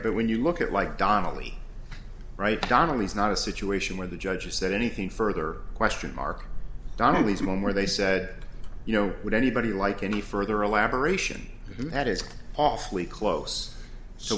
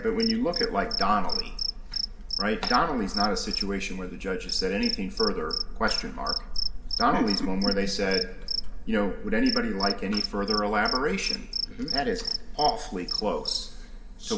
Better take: first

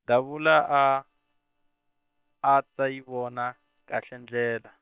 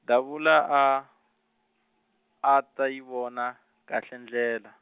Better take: second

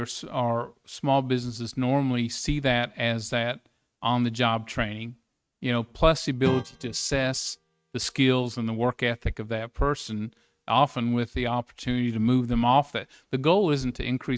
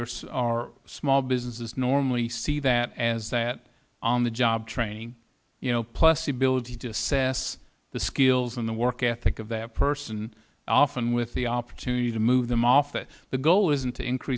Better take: second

